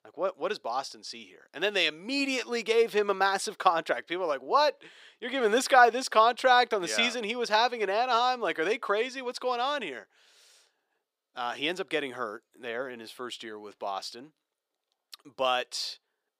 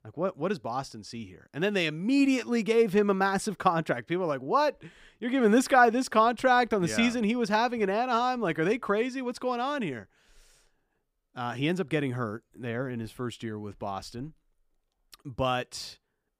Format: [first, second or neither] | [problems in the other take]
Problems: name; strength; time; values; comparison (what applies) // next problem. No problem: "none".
second | thin; somewhat; fading below 500 Hz